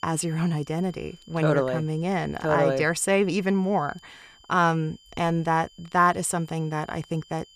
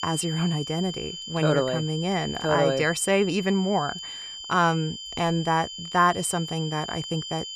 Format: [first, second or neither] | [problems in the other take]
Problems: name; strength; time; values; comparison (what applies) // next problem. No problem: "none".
first | high-pitched whine; loud; throughout; 3 kHz, 9 dB below the speech; faint in the first